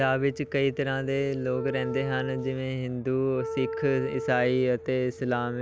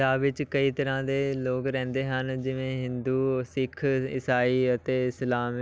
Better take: second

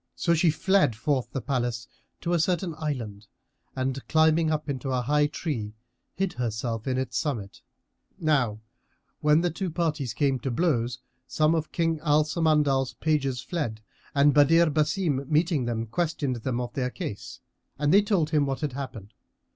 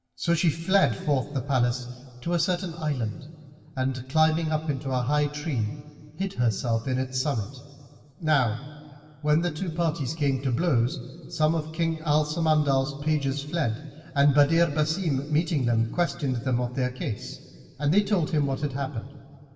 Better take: first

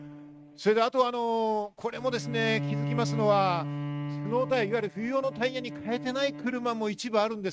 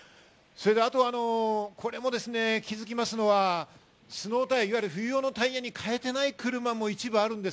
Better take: second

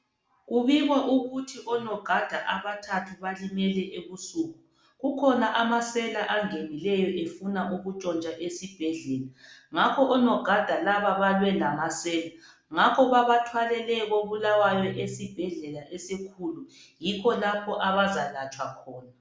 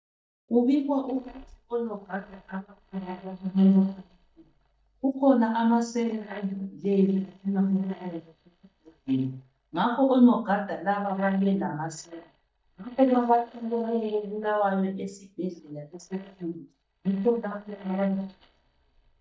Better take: first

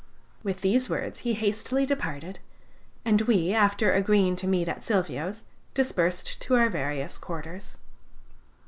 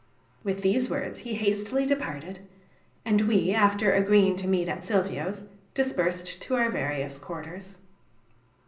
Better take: first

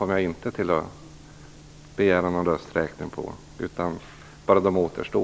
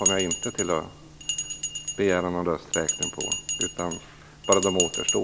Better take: first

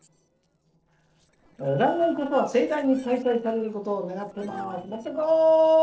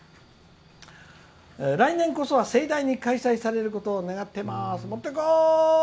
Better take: second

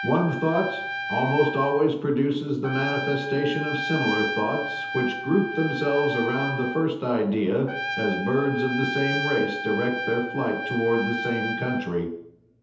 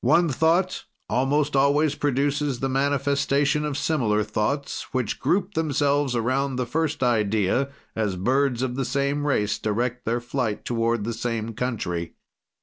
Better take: second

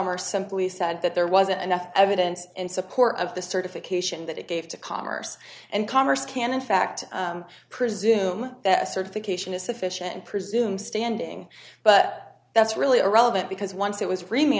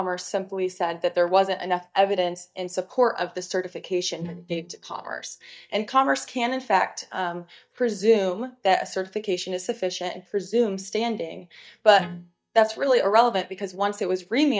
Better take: first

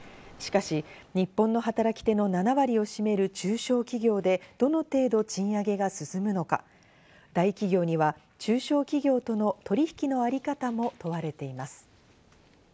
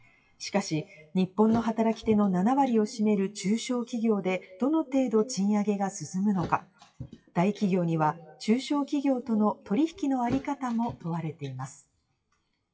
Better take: first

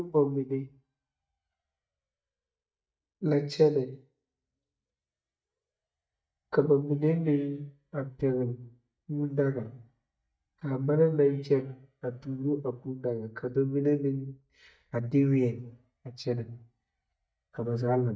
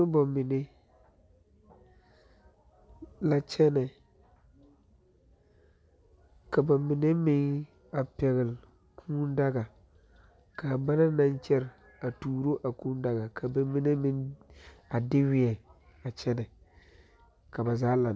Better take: second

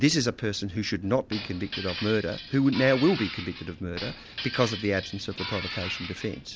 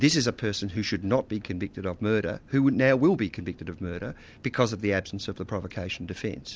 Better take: second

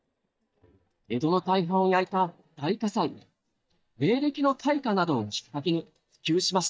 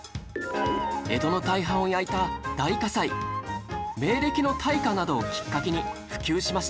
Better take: second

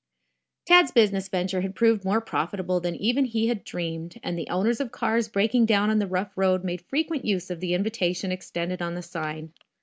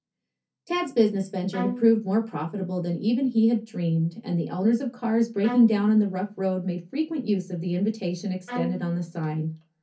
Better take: first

